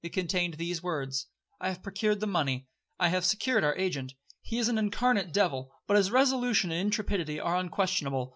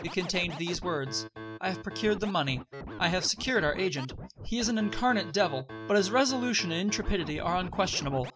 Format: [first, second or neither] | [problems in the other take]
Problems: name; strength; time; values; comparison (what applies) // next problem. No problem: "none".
first | background sound (Scratching (performance technique)); 12 dB below the speech